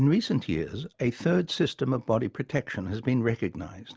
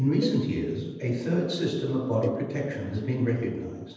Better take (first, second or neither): first